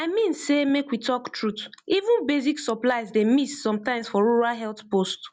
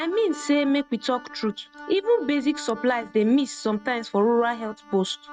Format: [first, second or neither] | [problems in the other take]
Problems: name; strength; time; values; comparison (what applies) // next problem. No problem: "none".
first | noise reduction (neural mask model RNNoise)